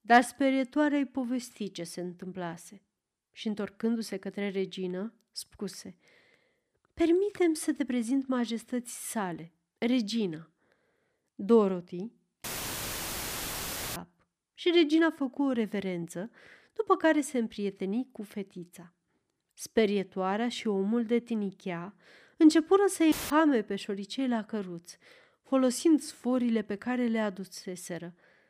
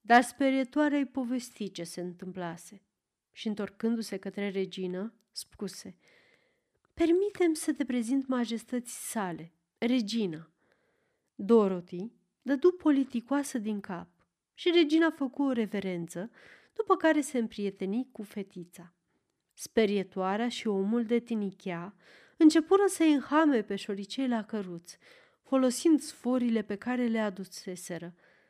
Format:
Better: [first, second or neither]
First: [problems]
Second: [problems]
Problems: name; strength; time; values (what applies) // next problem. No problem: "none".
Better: second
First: audio cutting out; filled with static; at 12 s for 1.5 s and at 23 s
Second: none